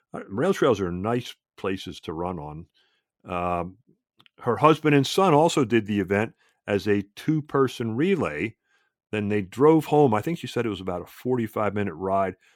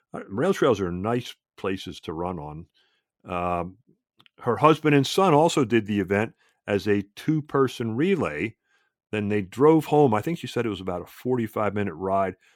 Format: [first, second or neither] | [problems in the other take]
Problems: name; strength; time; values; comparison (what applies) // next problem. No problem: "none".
neither | none